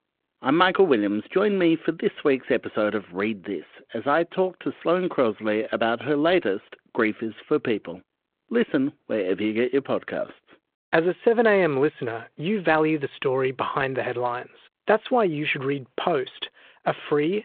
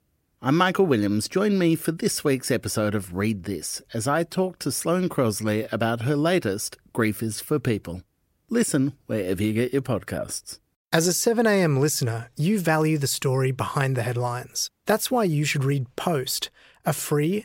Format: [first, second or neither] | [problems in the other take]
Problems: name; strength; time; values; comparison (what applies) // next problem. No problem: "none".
second | phone-call audio